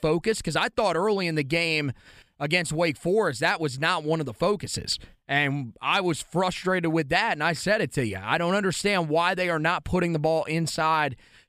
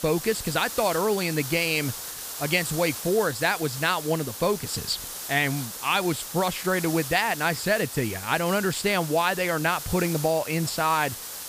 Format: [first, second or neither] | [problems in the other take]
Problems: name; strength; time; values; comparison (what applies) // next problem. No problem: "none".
first | hiss; loud; throughout; 8 dB below the speech